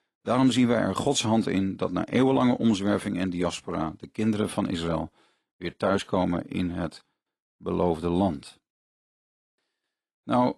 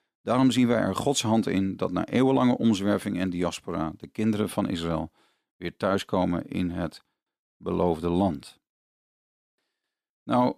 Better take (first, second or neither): second